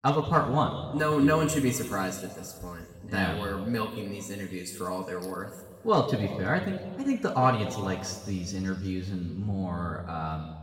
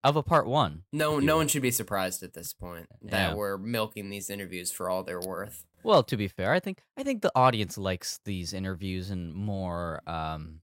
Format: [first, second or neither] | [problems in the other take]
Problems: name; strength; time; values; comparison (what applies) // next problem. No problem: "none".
second | room echo; noticeable; dies away in 1.5 s // off-mic speech; somewhat distant